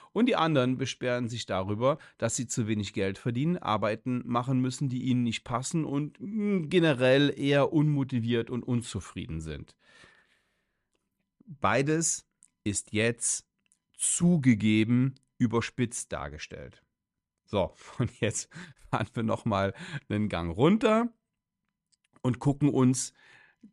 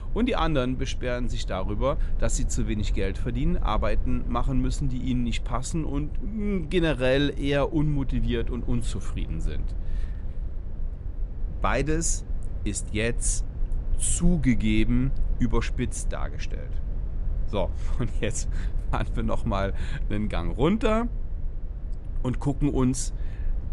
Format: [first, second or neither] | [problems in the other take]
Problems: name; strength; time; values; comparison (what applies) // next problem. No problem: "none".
first | low rumble; noticeable; throughout; 20 dB below the speech